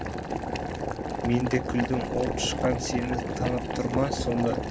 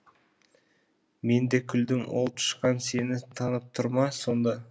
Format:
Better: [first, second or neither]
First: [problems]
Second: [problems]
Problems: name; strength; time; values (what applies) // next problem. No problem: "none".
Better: second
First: background sound (Boiling); 1 dB below the speech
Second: none